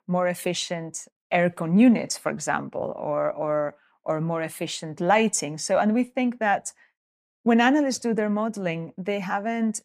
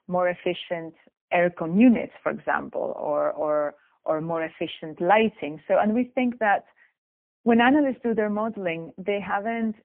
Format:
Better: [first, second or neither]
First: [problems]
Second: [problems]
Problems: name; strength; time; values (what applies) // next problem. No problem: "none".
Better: first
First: none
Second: phone-call audio; poor line; nothing above 3 kHz